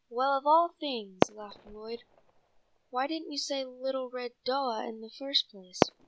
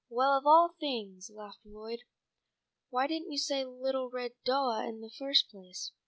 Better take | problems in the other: second | background sound (Fireworks); 5 dB below the speech

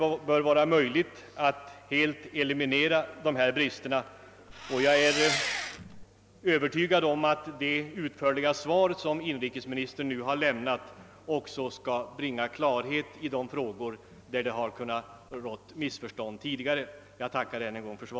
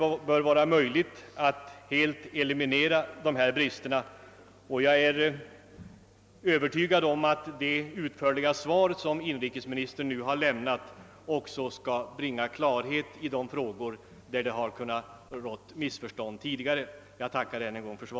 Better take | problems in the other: second | background sound (Engine); 3 dB below the speech

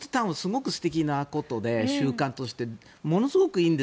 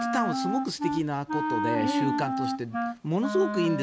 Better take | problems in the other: first | background sound (Wind instrument, woodwind instrument); as loud as the speech

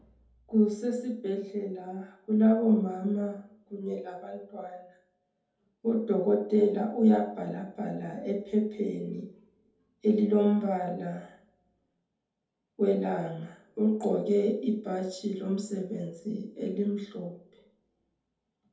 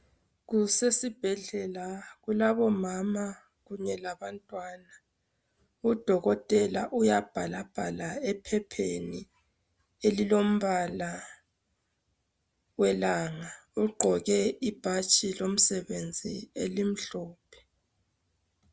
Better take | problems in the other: second | room echo; dies away in 0.6 s

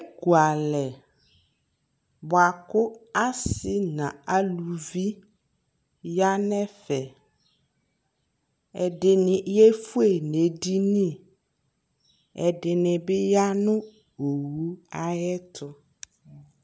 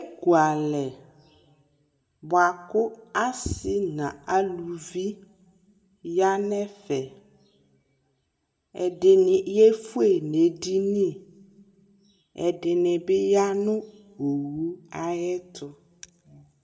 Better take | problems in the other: first | room echo; dies away in 0.6 s

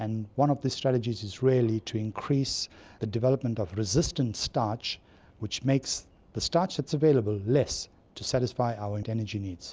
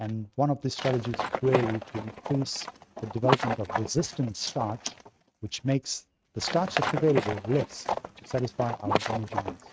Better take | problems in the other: first | noise reduction (neural mask model RNNoise)

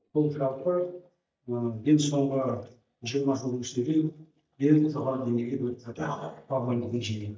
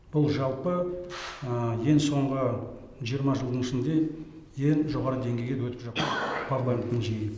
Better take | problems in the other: second | noise reduction (neural mask model DeepFilterNet 3)

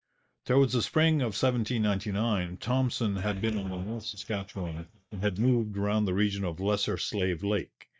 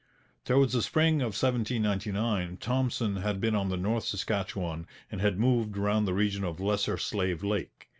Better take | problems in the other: second | noise reduction (neural mask model DeepFilterNet 3)

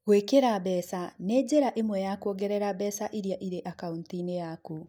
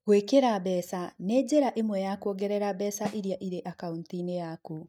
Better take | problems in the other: first | noise reduction (neural mask model RNNoise)

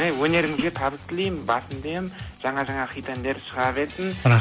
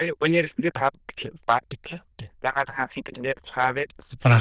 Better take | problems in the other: first | noise reduction (neural diffusion model UNIVERSE++)

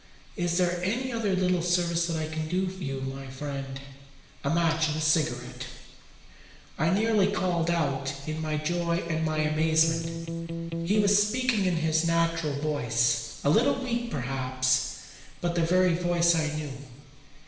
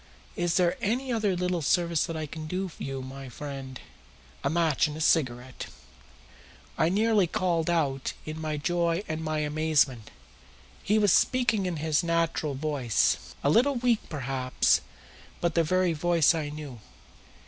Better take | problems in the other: second | background sound (Electric guitar); 4 dB below the speech // room echo; dies away in 1 s

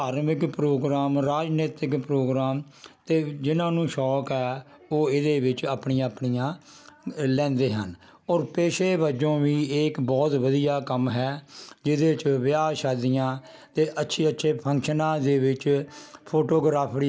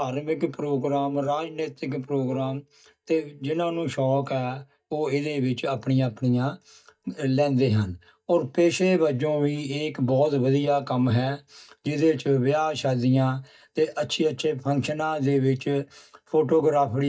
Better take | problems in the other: first | noise reduction (neural mask model DeepFilterNet 3)

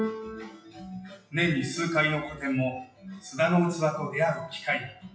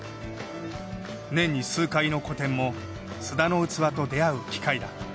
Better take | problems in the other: second | noise reduction (classical method WPE with log-MMSE)

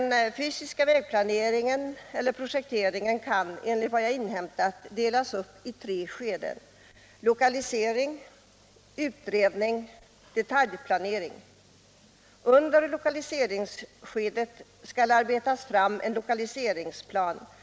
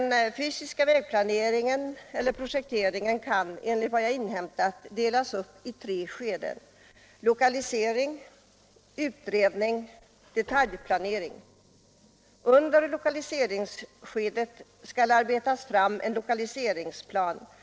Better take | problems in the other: first | noise reduction (neural separator model SepFormer DNS4)

